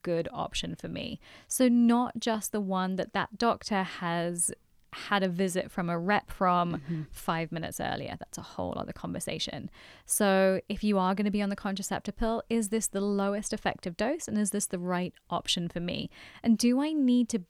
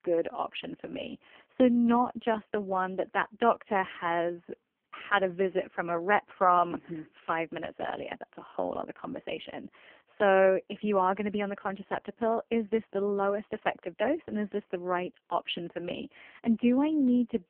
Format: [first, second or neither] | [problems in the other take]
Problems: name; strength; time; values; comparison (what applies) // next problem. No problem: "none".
first | phone-call audio; poor line